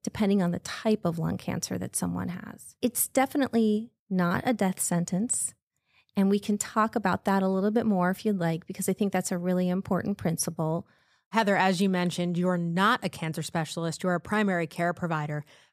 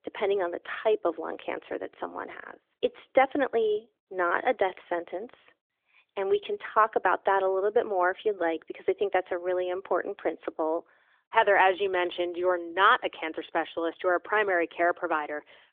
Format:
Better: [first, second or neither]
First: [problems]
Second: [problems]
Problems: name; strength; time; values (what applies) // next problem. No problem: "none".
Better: first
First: none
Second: phone-call audio; nothing above 3.5 kHz